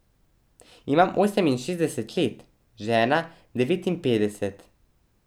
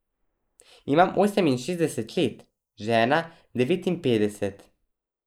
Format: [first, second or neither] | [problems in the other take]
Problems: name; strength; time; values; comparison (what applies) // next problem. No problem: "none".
first | noise reduction (neural mask model Resemble Enhance denoiser)